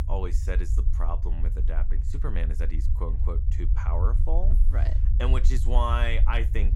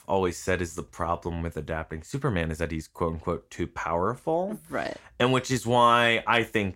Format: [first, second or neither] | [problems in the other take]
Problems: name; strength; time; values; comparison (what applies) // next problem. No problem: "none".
second | low rumble; noticeable; throughout; 10 dB below the speech